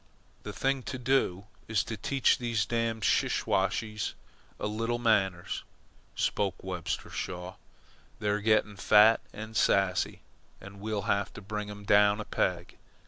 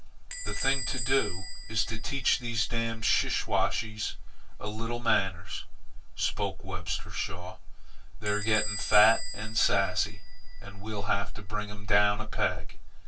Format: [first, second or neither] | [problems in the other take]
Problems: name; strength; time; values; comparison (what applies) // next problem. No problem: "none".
first | background sound (Door / Bell); 17 dB below the speech // room echo; dies away in 0.1 s